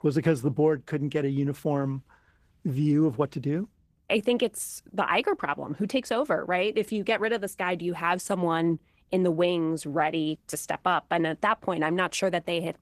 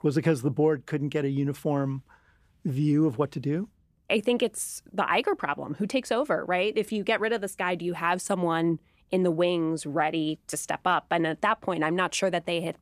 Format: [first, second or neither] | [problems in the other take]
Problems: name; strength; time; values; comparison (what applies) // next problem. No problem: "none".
second | garbled, watery; slightly; nothing above 14.5 kHz